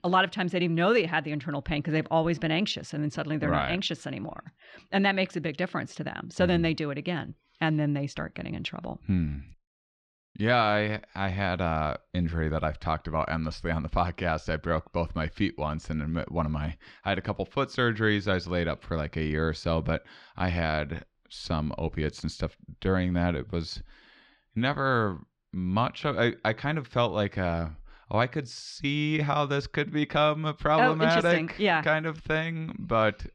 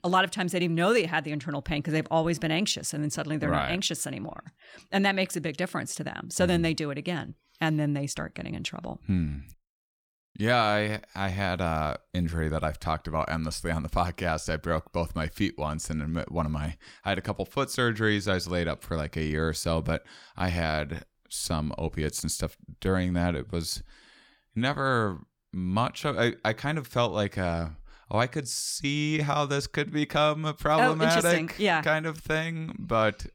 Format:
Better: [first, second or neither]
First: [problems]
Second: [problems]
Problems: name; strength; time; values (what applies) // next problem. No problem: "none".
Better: second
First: muffled; very slightly; fading above 4 kHz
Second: none